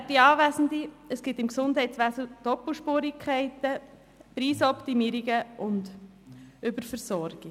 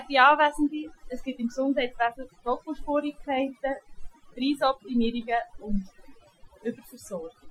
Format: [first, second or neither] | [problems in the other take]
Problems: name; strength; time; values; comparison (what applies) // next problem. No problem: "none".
first | noise reduction (classical method Wiener filter)